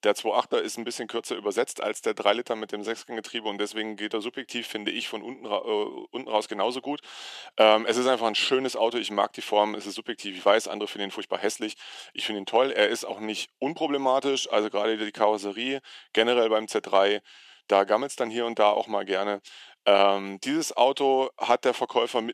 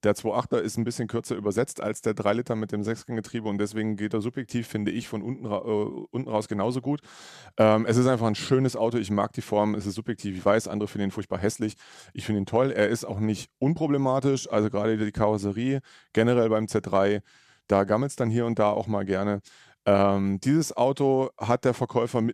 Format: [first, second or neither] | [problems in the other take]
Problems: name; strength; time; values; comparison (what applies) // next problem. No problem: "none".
second | thin; somewhat; fading below 350 Hz